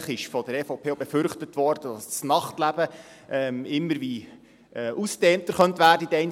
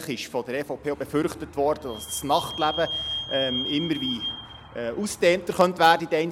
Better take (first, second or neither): first